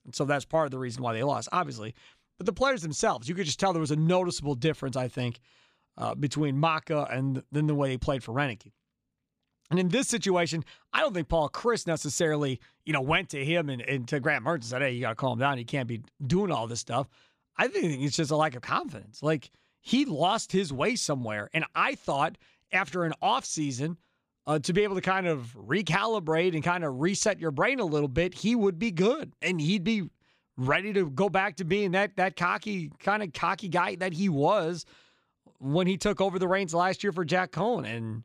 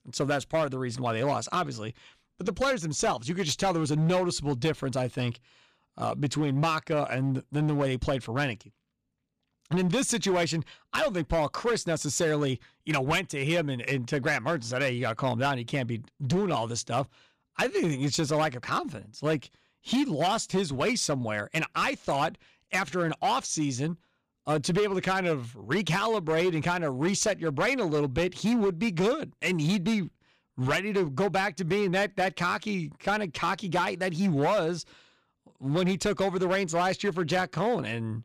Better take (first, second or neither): first